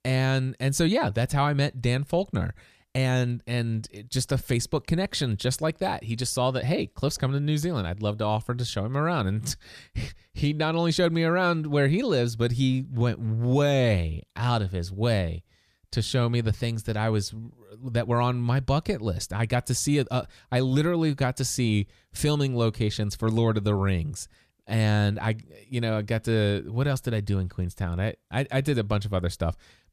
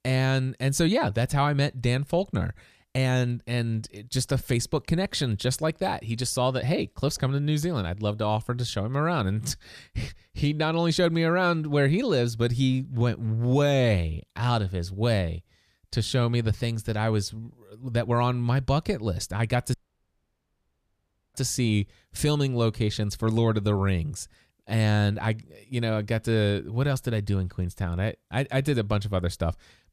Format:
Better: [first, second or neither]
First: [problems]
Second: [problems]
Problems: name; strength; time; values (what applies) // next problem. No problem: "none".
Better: first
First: none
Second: audio cutting out; at 20 s for 1.5 s